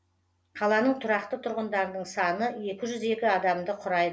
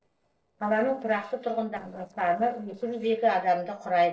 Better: first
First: none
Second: noise reduction (neural separator model SepFormer DNS4)

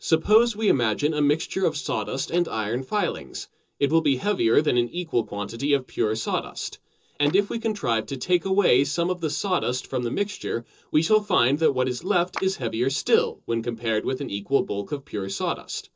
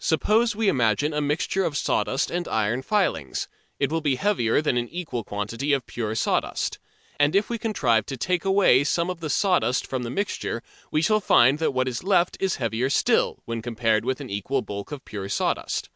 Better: second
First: noise reduction (neural separator model SepFormer DNS4)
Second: none

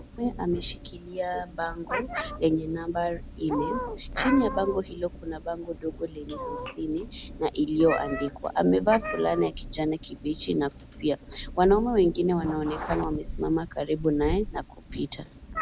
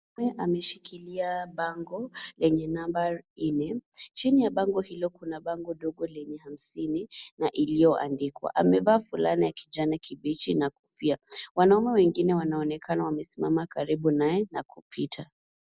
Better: second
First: background sound (Meow); 9 dB below the speech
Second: none

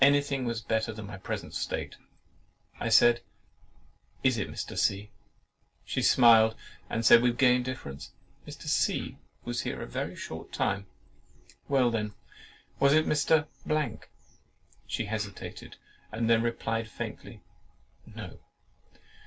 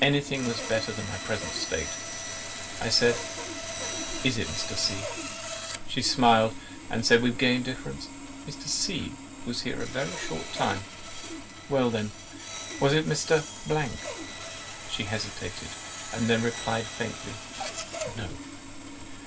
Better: first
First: none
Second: background sound (Sawing); 7 dB below the speech

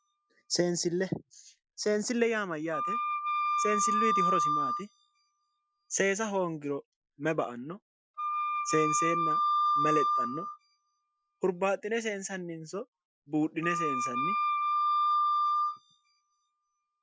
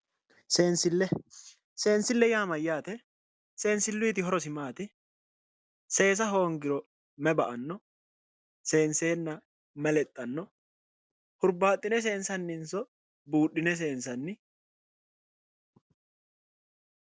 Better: second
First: noise reduction (classical method Wiener filter)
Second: none

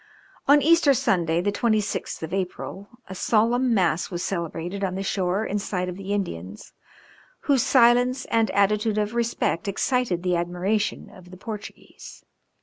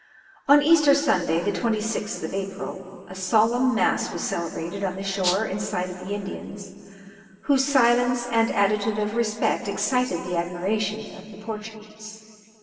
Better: first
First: none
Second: background sound (Rattle (instrument)); 4 dB below the speech // room echo; dies away in 2.3 s

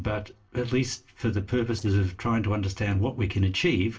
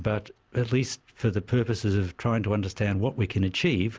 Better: second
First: noise reduction (neural separator model SepFormer DNS4)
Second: none

